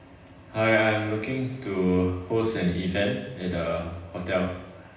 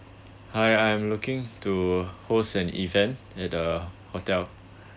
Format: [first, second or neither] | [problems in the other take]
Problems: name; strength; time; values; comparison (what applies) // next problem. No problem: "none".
second | room echo; dies away in 0.9 s